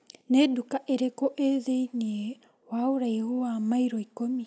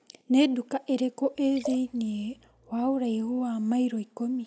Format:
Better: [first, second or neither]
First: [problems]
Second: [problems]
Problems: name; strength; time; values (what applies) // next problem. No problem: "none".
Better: first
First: none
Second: background sound (Liquid); 17 dB below the speech